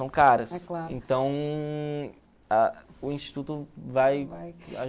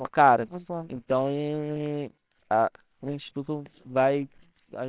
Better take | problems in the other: first | noise reduction (neural separator model SepFormer WHAMR!)

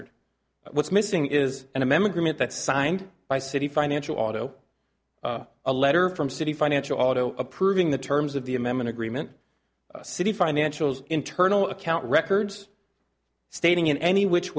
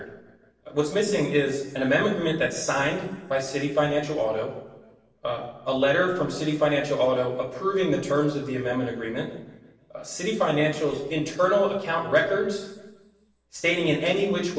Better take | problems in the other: first | room echo; dies away in 1 s

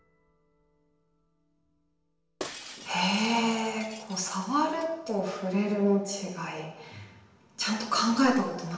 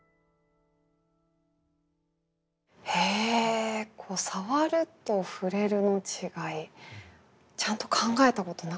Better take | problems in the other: second | background sound (Shatter); 16 dB below the speech // room echo; dies away in 0.9 s

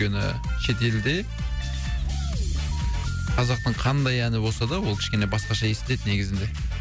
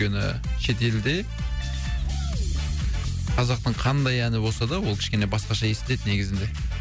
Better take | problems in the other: second | background sound (Telephone); 17 dB below the speech

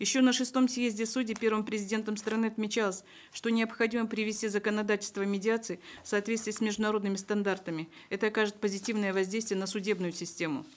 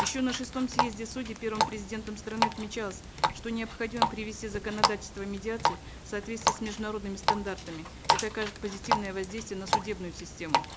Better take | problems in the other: first | background sound (Water tap, faucet); 3 dB above the speech

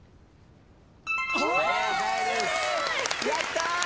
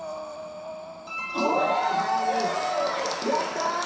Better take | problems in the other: first | background sound (Breathing); 14 dB below the speech // room echo; dies away in 0.7 s

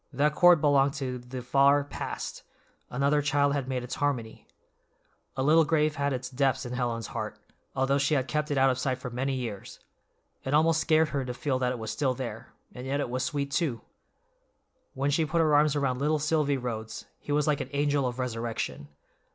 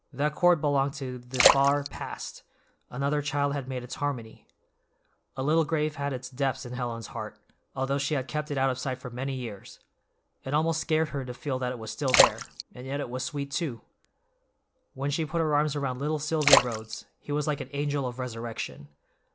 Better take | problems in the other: first | background sound (Splash, splatter); 1 dB above the speech

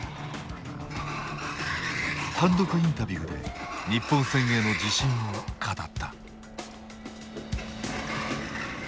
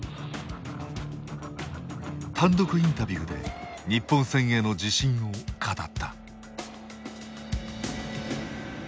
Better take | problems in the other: second | background sound (Sliding door); 6 dB below the speech

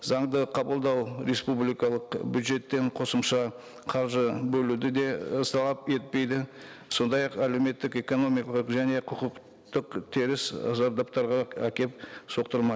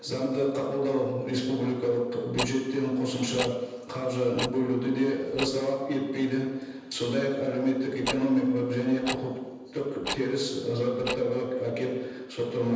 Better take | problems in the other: first | background sound (Tick-tock); 11 dB below the speech // room echo; dies away in 1.1 s

